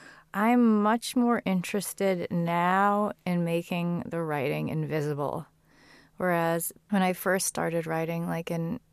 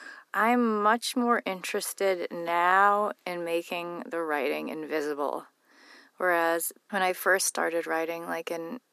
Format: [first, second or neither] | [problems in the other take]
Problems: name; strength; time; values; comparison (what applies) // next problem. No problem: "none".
first | thin; somewhat; fading below 250 Hz